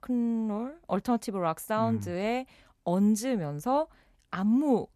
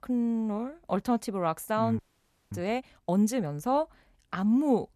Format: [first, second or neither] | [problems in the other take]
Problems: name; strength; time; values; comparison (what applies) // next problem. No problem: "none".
first | audio freezing; at 2 s for 0.5 s